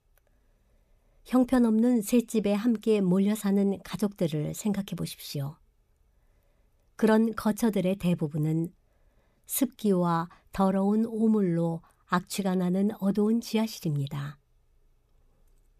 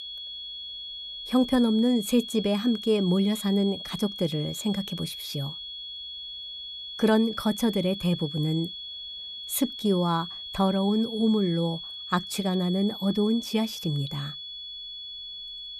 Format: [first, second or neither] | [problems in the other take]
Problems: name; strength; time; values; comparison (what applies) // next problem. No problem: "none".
first | high-pitched whine; loud; throughout; 3.5 kHz, 9 dB below the speech